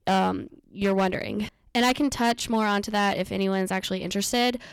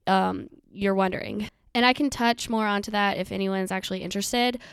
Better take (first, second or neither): second